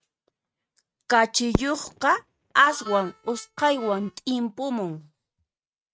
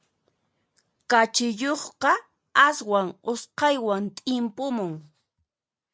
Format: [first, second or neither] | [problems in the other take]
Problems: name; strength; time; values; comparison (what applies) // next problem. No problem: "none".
second | noise reduction (neural mask model RNNoise)